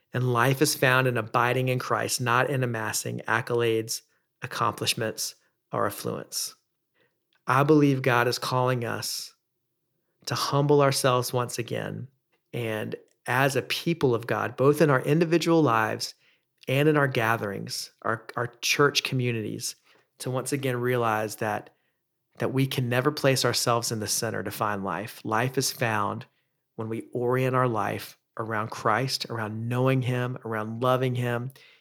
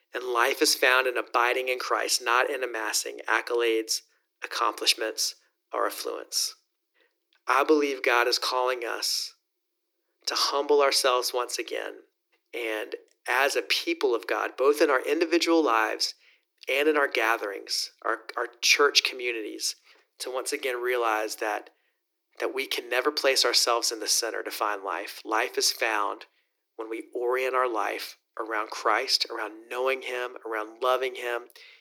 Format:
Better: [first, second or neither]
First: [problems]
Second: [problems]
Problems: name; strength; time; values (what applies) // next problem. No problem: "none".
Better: first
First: none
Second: thin; very; fading below 300 Hz